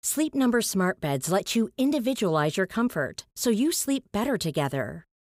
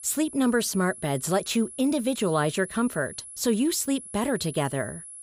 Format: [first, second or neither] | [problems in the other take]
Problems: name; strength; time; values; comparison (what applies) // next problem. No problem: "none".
first | high-pitched whine; noticeable; throughout; 11 kHz, 15 dB below the speech